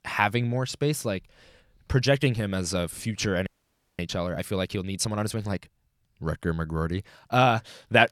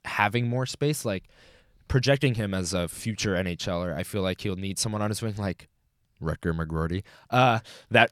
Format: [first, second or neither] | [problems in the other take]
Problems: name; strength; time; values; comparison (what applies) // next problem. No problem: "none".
second | audio freezing; at 3.5 s for 0.5 s